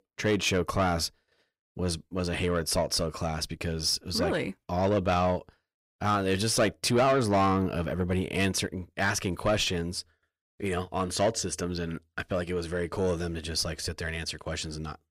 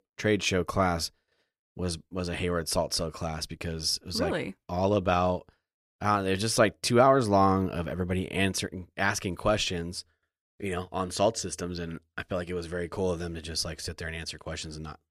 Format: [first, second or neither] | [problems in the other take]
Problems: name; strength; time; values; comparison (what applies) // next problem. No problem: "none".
second | distortion; slight; 10 dB below the speech